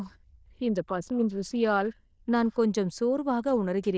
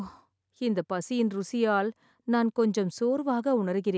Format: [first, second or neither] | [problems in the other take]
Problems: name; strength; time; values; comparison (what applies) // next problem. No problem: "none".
second | noise reduction (neural diffusion model UNIVERSE++)